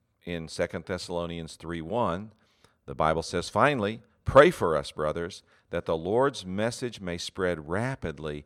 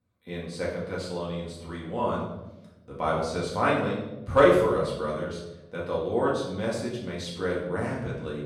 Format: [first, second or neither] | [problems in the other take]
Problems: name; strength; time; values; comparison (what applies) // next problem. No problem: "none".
first | off-mic speech; far // room echo; noticeable; dies away in 0.9 s